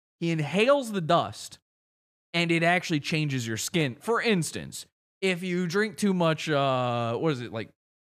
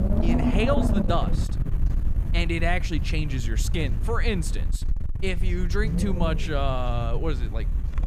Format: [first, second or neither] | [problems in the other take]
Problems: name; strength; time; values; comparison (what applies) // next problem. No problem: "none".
first | wind noise on the microphone; heavy; 8 dB below the speech